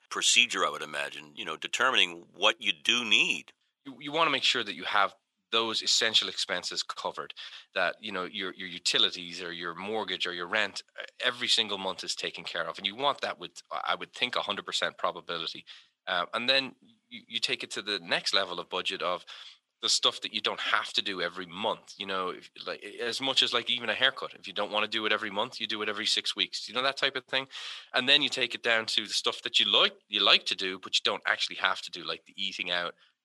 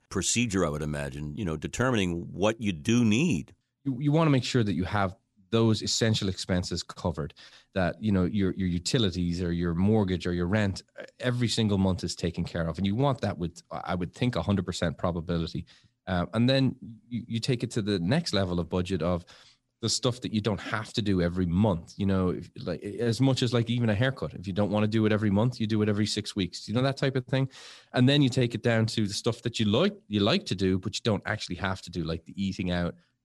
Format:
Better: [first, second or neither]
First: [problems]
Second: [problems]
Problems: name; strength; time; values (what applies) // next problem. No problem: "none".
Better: second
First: thin; very; fading below 550 Hz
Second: none